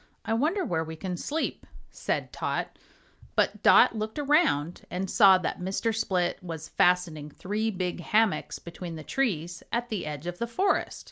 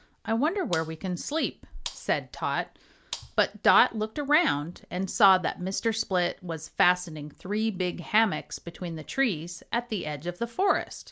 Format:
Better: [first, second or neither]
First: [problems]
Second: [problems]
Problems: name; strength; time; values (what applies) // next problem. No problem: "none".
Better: first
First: none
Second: background sound (Gunshot, gunfire); 17 dB below the speech